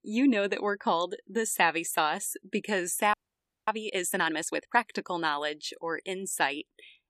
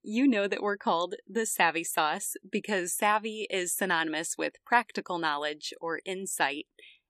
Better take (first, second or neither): second